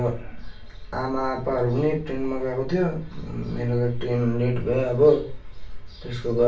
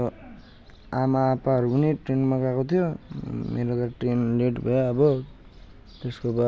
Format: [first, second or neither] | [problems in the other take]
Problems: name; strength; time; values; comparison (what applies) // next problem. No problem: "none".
second | room echo; dies away in 0.3 s